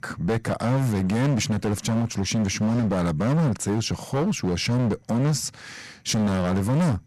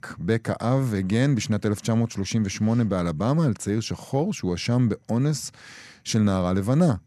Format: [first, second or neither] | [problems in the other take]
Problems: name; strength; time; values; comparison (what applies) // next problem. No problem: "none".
second | distortion; heavy; 20% of the sound clipped